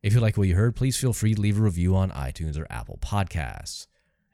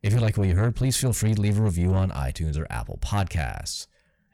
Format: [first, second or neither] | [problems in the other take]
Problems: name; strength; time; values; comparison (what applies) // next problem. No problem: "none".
first | distortion; slight; 10 dB below the speech